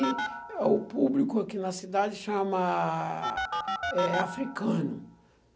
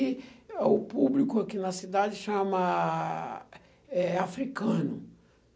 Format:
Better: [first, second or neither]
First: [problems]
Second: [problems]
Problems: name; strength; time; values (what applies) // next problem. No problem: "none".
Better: second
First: background sound (Telephone); 8 dB below the speech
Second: none